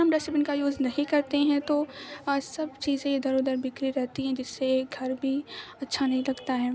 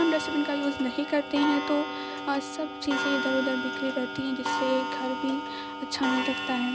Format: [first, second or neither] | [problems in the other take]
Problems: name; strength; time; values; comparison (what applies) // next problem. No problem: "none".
first | background sound (Clock); 4 dB below the speech